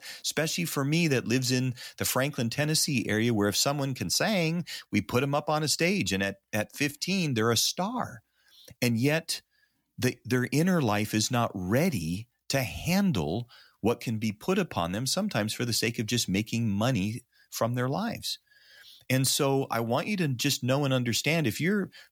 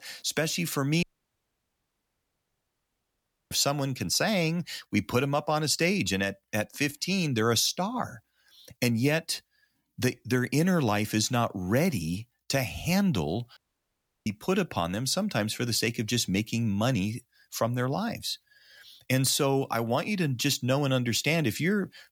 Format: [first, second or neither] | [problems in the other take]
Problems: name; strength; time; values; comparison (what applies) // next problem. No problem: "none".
first | audio cutting out; at 1 s for 2.5 s and at 14 s for 0.5 s